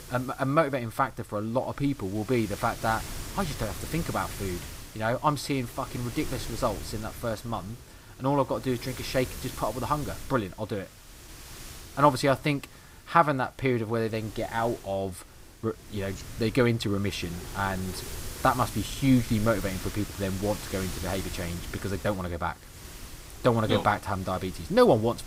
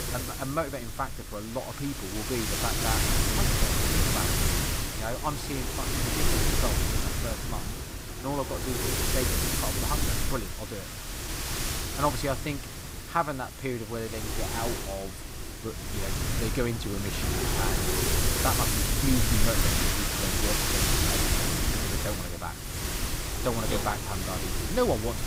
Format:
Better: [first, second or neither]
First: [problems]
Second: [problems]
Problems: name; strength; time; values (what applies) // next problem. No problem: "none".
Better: first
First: wind noise on the microphone; occasional gusts; 15 dB below the speech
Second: wind noise on the microphone; heavy; 4 dB above the speech